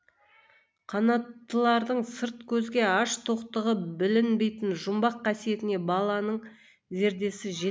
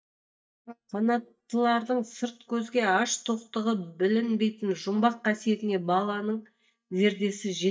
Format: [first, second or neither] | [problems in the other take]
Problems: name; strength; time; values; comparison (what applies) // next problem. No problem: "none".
first | noise reduction (neural mask model DeepFilterNet 3)